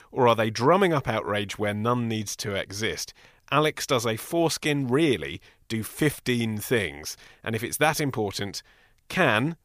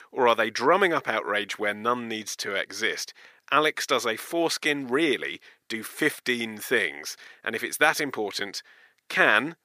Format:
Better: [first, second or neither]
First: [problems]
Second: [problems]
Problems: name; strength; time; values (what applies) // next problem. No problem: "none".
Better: first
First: none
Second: thin; somewhat; fading below 350 Hz